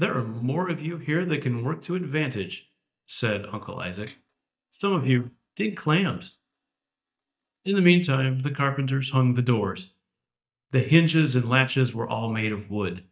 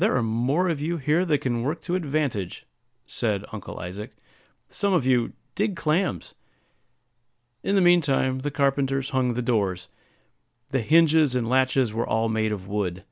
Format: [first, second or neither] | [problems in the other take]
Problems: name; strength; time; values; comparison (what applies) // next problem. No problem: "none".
second | noise reduction (neural mask model DeepFilterNet 3)